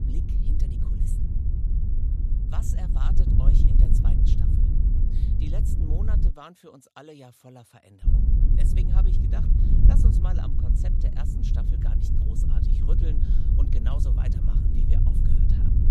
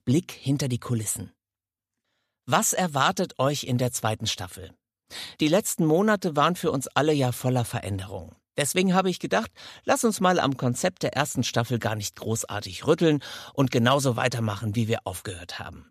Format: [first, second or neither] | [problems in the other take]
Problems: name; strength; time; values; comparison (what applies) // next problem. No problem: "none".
second | wind noise on the microphone; heavy; until 6.5 s and from 8 s on; 4 dB above the speech